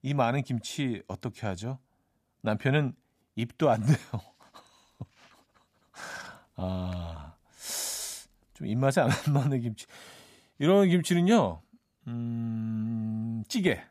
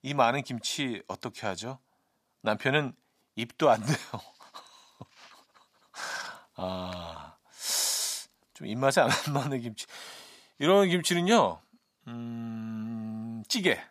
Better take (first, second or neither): first